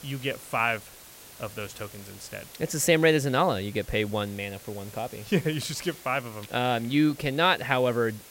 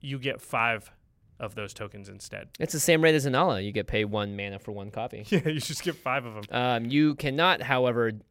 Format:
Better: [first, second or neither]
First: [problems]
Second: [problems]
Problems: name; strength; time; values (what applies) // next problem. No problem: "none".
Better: second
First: hiss; noticeable; throughout; 20 dB below the speech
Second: none